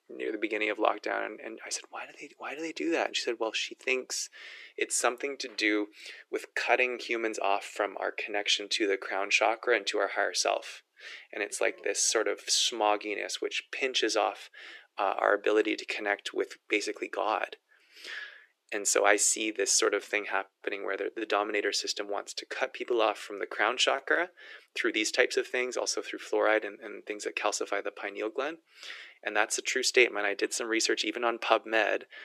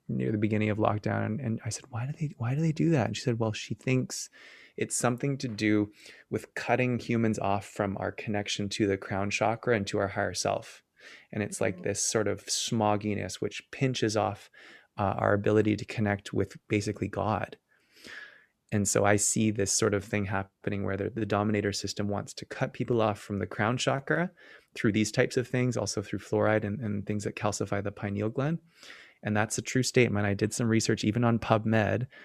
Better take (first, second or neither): second